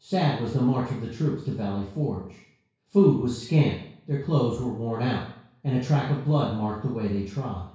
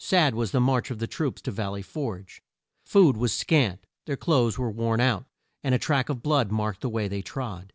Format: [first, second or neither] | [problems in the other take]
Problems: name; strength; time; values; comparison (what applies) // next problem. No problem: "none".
second | room echo; dies away in 0.6 s